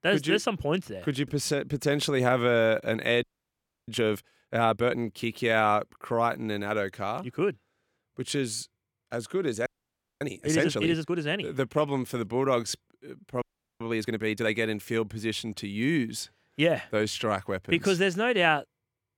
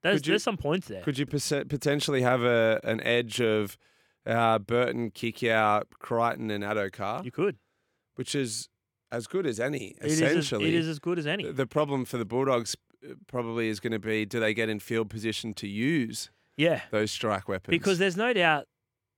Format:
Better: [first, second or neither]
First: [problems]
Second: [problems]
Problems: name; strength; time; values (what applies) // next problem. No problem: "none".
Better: second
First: audio freezing; at 3 s for 0.5 s, at 9.5 s for 0.5 s and at 13 s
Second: none